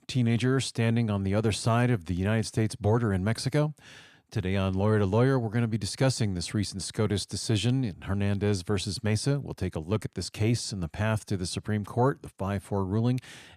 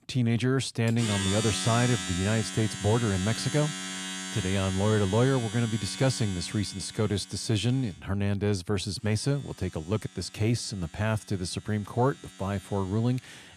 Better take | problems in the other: first | household noises; loud; throughout; 6 dB below the speech

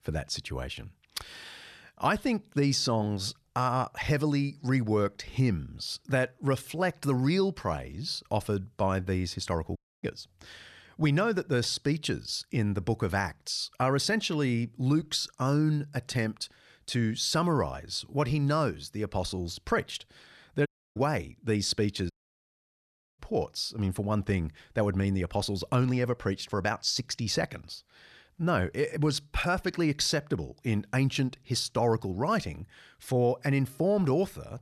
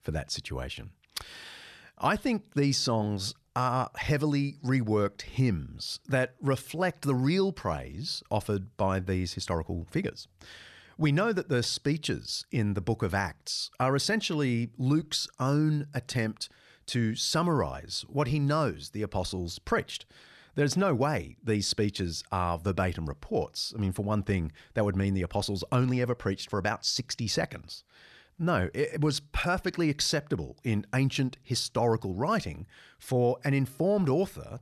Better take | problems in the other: second | audio cutting out; at 10 s, at 21 s and at 22 s for 1 s

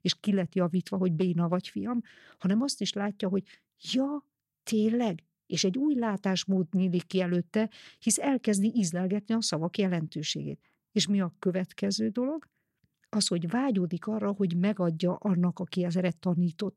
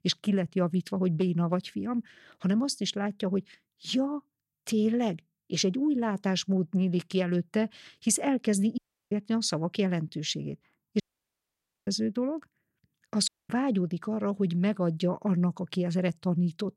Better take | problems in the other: first | audio cutting out; at 9 s, at 11 s for 1 s and at 13 s

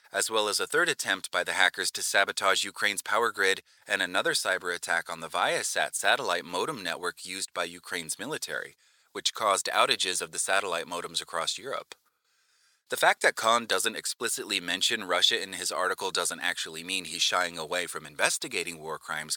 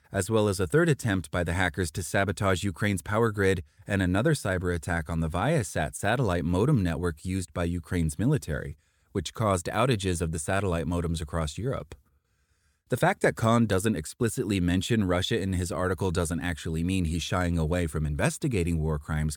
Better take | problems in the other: second | thin; very; fading below 750 Hz

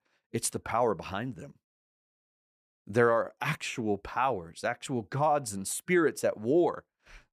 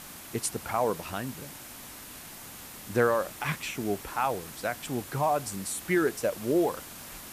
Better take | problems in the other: first | hiss; noticeable; throughout; 10 dB below the speech

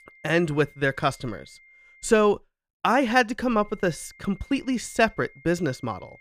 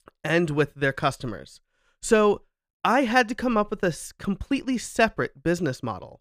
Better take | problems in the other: second | high-pitched whine; faint; until 2 s and from 3.5 s on; 2 kHz, 25 dB below the speech

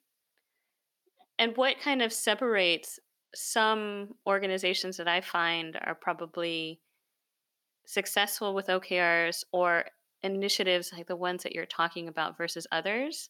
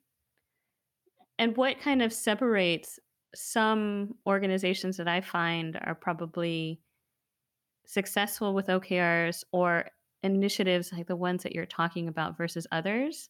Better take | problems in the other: second | thin; somewhat; fading below 350 Hz

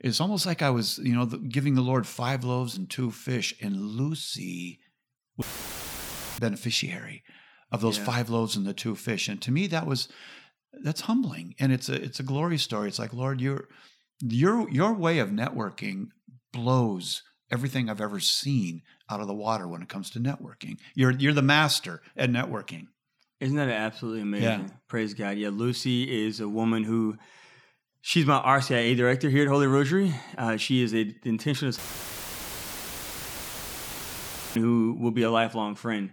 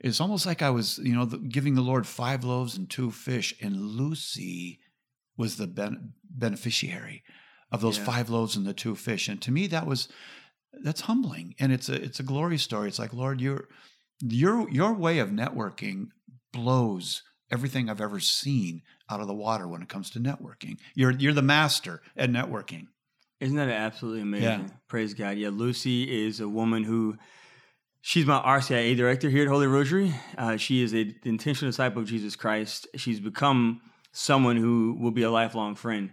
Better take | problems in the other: second | audio cutting out; filled with static; at 5.5 s for 1 s and at 32 s for 3 s

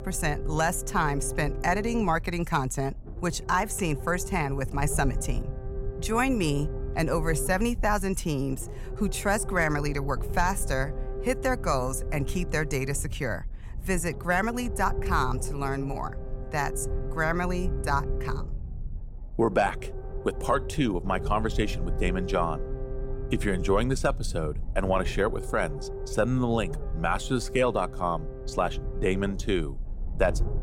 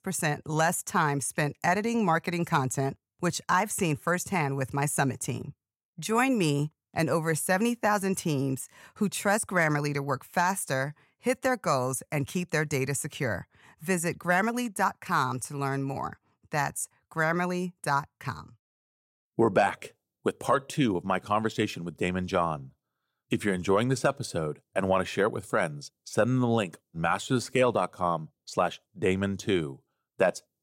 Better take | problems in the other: second | low rumble; noticeable; throughout; 15 dB below the speech

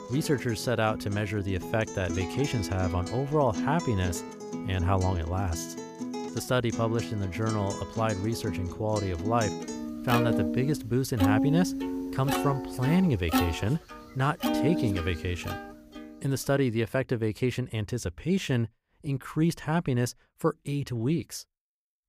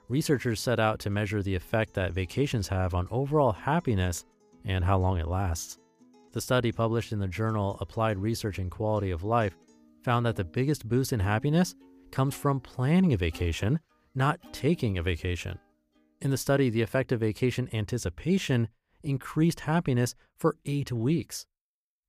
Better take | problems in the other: second | background music; loud; until 16 s; 4 dB below the speech; faint in the second

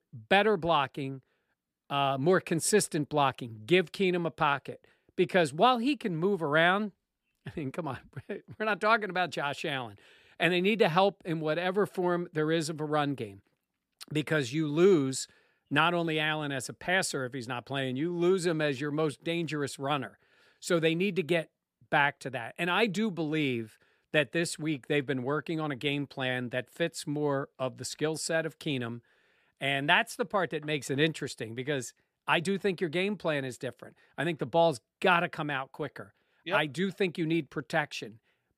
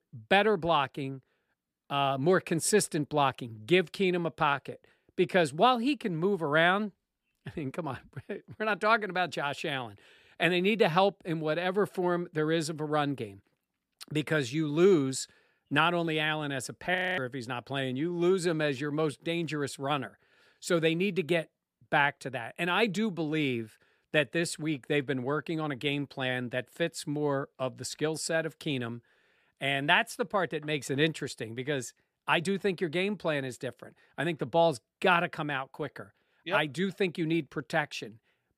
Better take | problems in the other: first | audio freezing; at 17 s

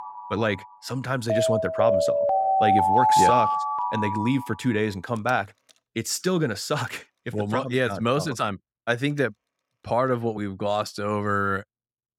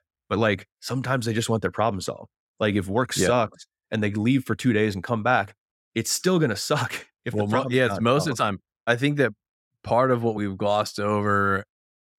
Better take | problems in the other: second | alarms or sirens; very loud; throughout; 4 dB above the speech

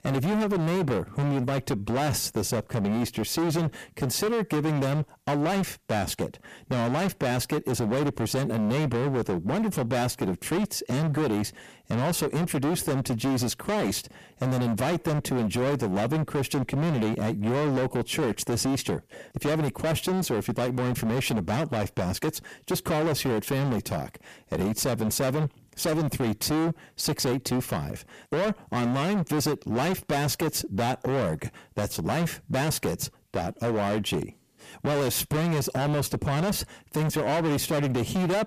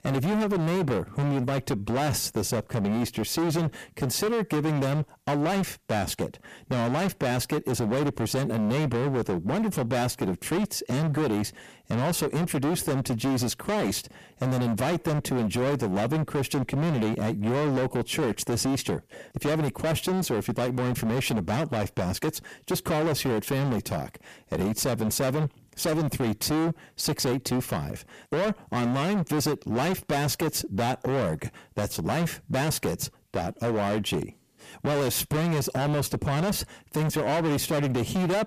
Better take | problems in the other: neither | distortion; heavy; 28% of the sound clipped; the same in both

